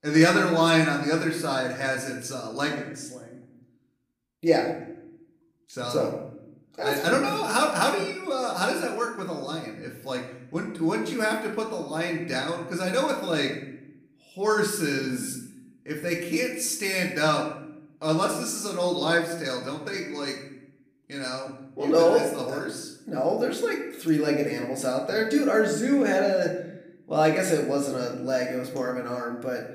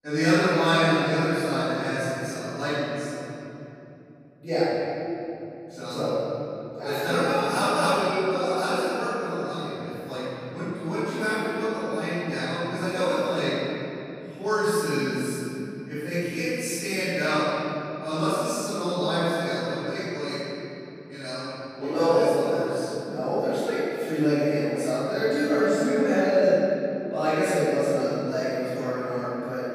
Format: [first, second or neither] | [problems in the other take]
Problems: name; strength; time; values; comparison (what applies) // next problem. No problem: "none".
first | room echo; strong; dies away in 3 s; slight in the first // off-mic speech; far; far in the first